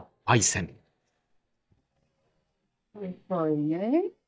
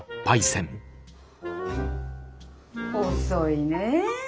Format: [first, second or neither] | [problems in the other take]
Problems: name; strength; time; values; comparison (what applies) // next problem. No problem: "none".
second | noise reduction (neural mask model DeepFilterNet 3)